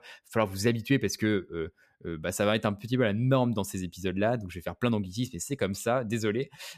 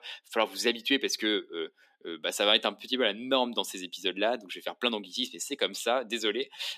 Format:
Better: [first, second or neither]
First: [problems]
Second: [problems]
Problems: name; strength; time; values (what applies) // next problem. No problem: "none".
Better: first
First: none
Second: thin; somewhat; fading below 250 Hz